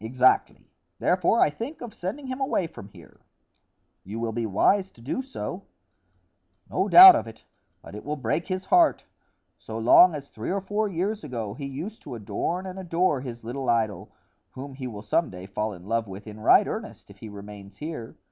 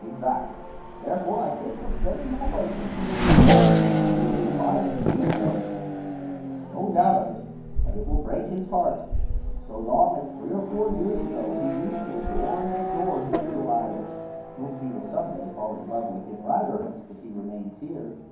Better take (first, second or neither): first